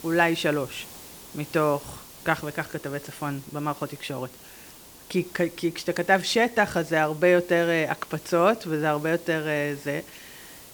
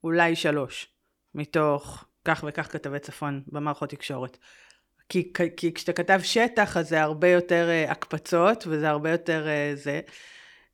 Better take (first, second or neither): second